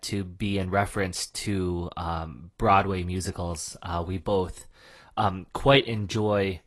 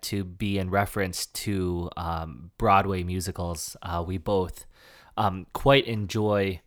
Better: second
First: garbled, watery; slightly; nothing above 11.5 kHz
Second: none

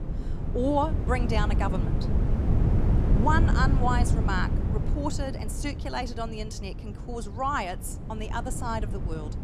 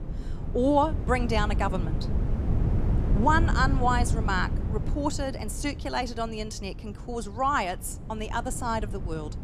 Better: second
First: wind noise on the microphone; heavy; 8 dB below the speech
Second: wind noise on the microphone; occasional gusts; 15 dB below the speech

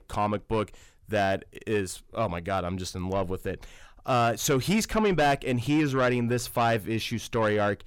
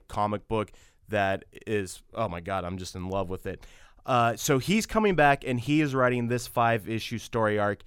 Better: second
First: distortion; slight; 10 dB below the speech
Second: none

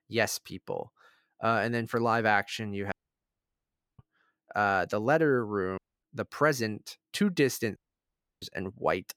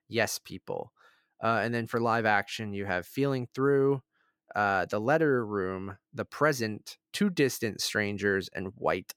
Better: second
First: audio cutting out; at 3 s for 1 s, at 6 s and at 8 s for 0.5 s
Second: none

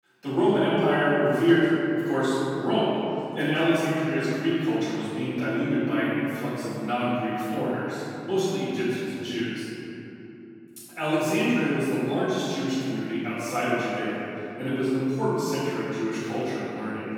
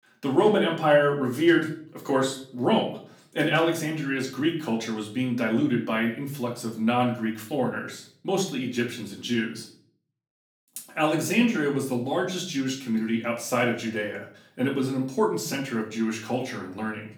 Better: second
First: room echo; strong; dies away in 2.9 s // off-mic speech; far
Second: room echo; slight; dies away in 0.4 s // off-mic speech; far

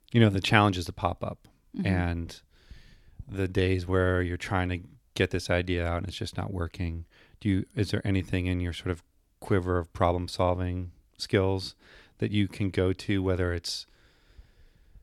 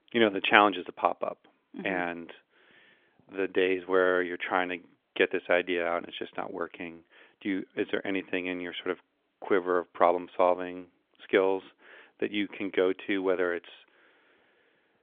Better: first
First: none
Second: phone-call audio; nothing above 3.5 kHz

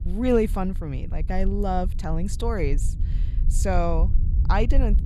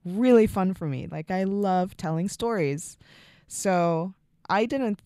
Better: second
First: low rumble; noticeable; throughout; 20 dB below the speech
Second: none

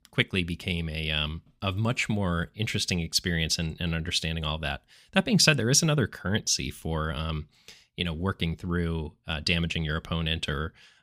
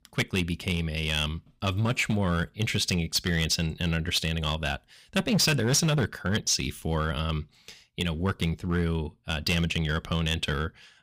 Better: first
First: none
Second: distortion; slight; 5% of the sound clipped

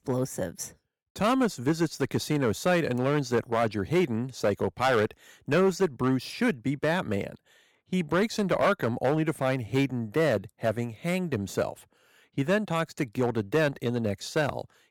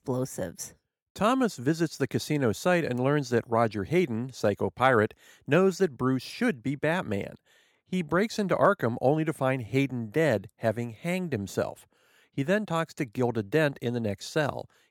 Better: second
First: distortion; slight; 4% of the sound clipped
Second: none

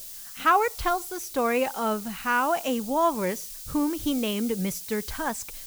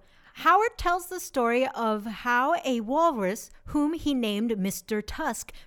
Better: second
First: hiss; noticeable; throughout; 10 dB below the speech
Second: none

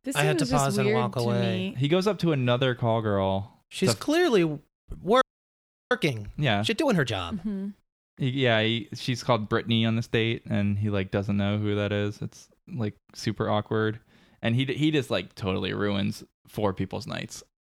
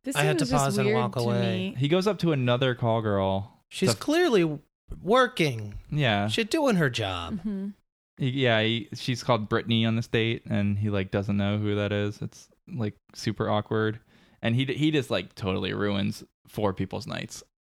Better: second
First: audio freezing; at 5 s for 0.5 s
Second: none

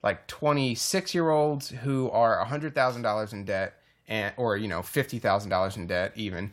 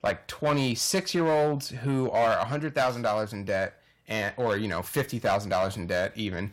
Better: first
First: none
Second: distortion; slight; 6% of the sound clipped

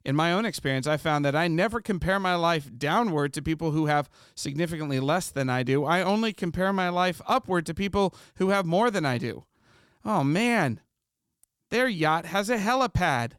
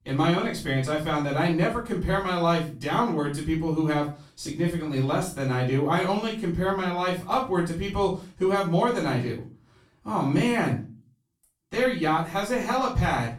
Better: first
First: none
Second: off-mic speech; far // room echo; slight; dies away in 0.3 s

